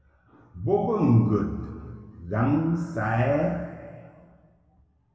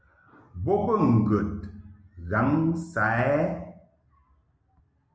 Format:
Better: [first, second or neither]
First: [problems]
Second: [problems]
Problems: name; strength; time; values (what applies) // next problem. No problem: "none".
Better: second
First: room echo; dies away in 2 s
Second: none